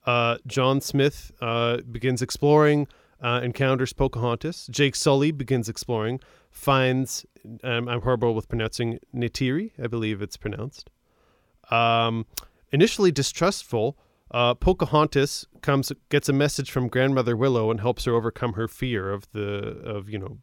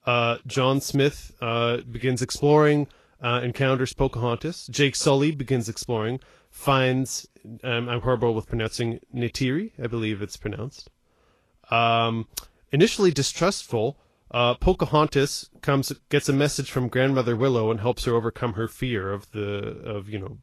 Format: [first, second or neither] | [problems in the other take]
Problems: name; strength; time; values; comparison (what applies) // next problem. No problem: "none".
first | garbled, watery; slightly; nothing above 14 kHz